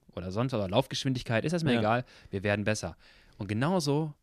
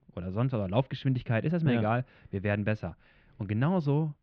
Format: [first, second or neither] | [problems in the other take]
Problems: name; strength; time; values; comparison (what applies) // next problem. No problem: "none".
first | muffled; very; fading above 3 kHz